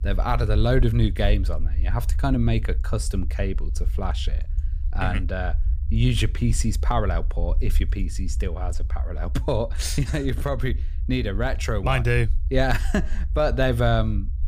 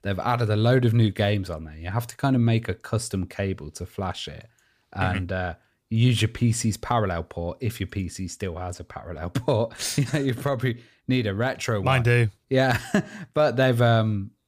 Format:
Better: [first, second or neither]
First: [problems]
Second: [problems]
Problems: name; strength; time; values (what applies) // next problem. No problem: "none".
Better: second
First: low rumble; faint; throughout; 20 dB below the speech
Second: none